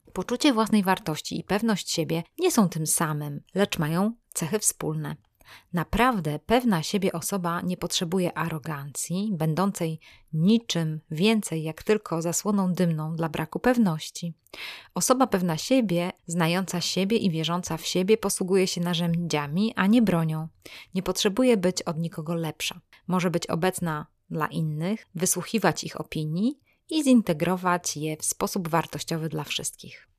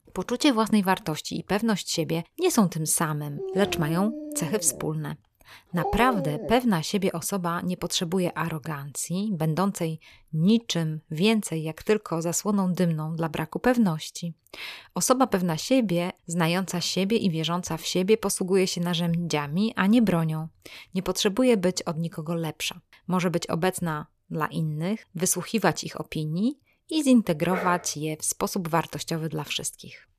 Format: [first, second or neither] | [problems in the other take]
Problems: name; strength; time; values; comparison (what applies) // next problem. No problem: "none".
first | dog barking; noticeable; from 3.5 to 6.5 s and at 28 s; peak 4 dB below the speech